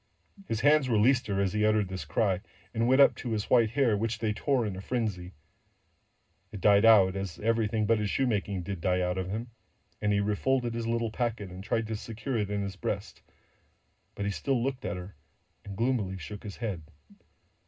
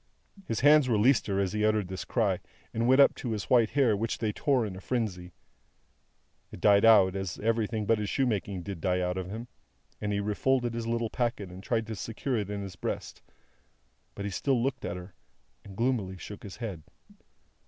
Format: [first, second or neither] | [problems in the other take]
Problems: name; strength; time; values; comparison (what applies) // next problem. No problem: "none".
second | room echo; dies away in 0.2 s